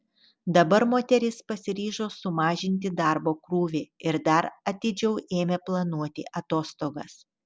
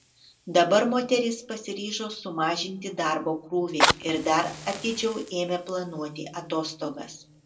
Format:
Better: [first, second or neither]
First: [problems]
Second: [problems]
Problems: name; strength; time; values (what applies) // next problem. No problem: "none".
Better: first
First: none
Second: background sound (Fire); 7 dB below the speech // room echo; dies away in 0.2 s